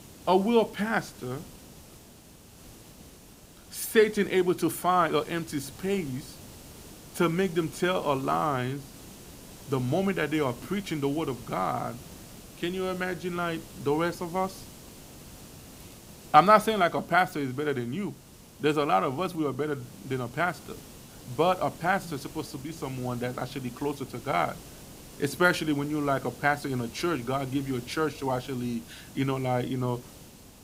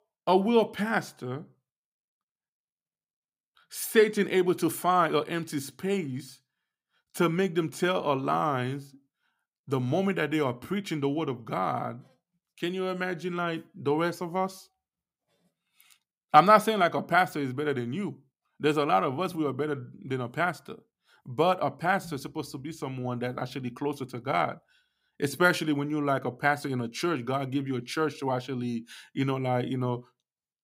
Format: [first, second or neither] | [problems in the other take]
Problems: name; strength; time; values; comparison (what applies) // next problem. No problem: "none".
second | hiss; noticeable; throughout; 20 dB below the speech